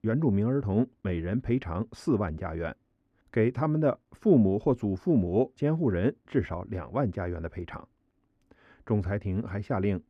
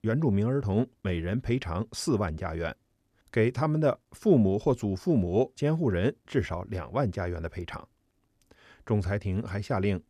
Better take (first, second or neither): second